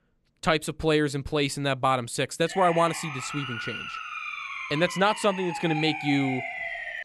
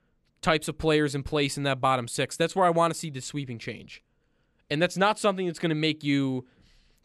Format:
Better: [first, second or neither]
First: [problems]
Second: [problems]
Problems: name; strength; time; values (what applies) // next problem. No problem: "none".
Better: second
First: siren; noticeable; from 2.5 s on; peak 5 dB below the speech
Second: none